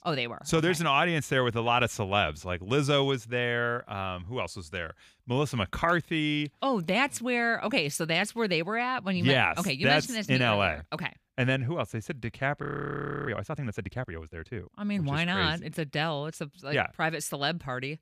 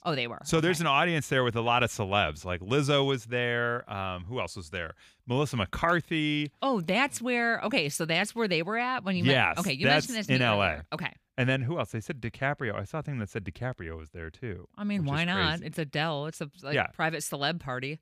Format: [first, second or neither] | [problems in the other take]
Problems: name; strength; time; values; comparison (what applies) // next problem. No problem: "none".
second | audio freezing; at 13 s for 0.5 s